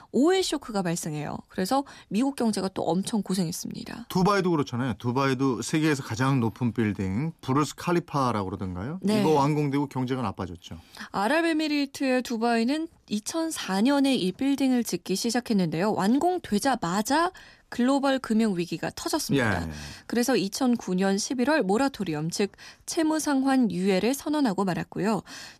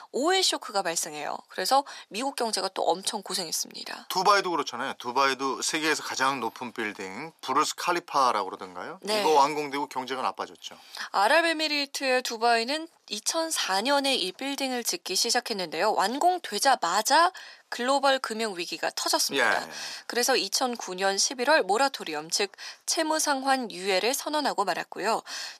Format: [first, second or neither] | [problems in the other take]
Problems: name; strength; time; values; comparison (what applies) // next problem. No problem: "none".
first | thin; very; fading below 650 Hz